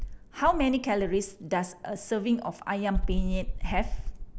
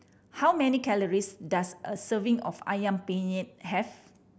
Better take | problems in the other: second | background sound (Insect); 3 dB below the speech

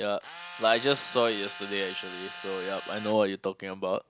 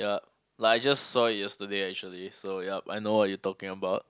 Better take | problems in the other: second | background sound (Tools); 12 dB below the speech

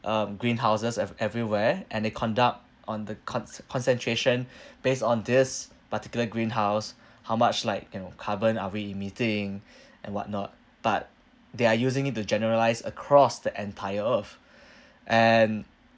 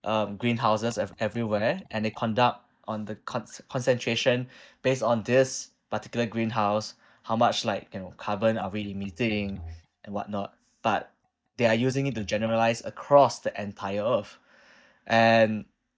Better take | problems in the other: first | noise reduction (neural mask model DeepFilterNet 3)

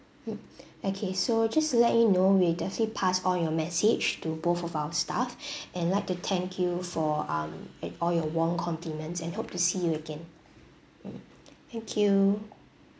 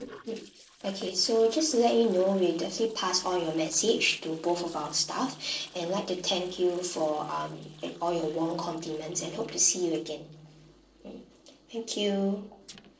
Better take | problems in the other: first | noise reduction (neural separator model SepFormer DNS4)

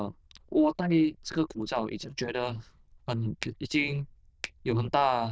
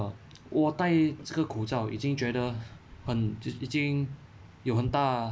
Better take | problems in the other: second | noise reduction (neural diffusion model UNIVERSE++)

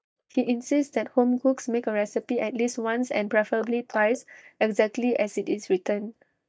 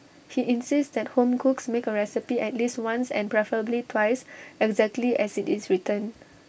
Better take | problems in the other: second | noise reduction (neural mask model DeepFilterNet 3)

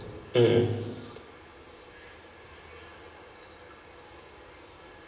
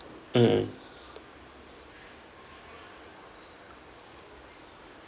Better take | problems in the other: second | room echo; dies away in 1.2 s

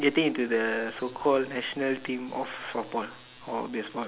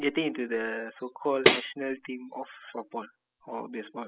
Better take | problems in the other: first | noise reduction (classical method spectral subtraction)

